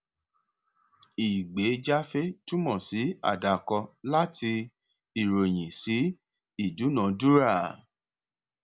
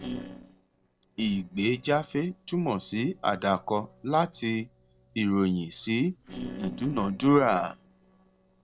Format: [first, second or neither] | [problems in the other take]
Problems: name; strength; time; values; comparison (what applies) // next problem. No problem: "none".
first | noise reduction (neural separator model SepFormer DNS4)